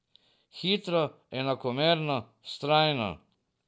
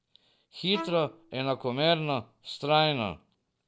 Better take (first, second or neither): first